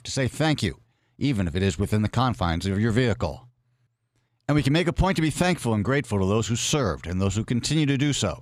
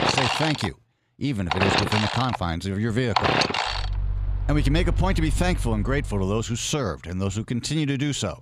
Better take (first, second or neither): first